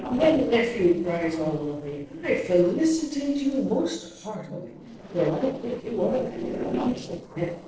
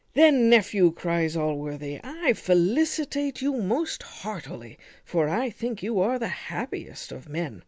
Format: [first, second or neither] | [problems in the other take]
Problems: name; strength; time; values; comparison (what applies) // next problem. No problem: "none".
second | noise reduction (neural separator model SepFormer DNS4)